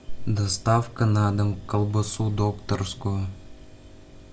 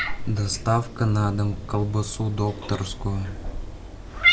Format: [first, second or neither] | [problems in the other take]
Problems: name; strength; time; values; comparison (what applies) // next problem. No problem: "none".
first | background sound (Meow); 3 dB below the speech